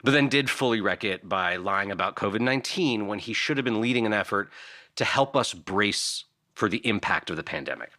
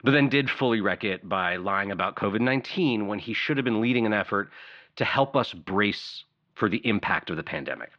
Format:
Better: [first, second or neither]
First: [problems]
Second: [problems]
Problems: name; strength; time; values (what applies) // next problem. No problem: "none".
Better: first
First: none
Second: muffled; slightly; fading above 3.5 kHz